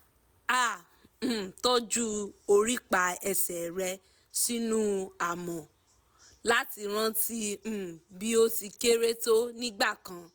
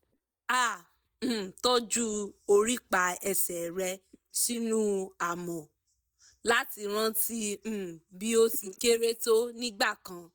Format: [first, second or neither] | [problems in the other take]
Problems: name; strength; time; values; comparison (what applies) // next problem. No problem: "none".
first | noise reduction (neural mask model DeepFilterNet 3)